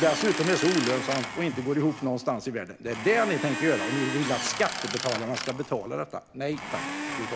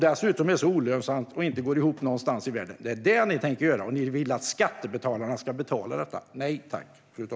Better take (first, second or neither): second